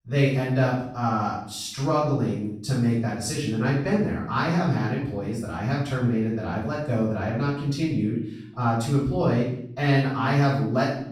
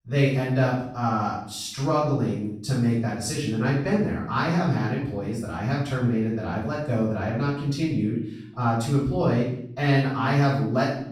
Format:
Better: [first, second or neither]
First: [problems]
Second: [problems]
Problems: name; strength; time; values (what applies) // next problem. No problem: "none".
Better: neither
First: off-mic speech; far // room echo; noticeable; dies away in 0.6 s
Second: off-mic speech; far // room echo; noticeable; dies away in 0.6 s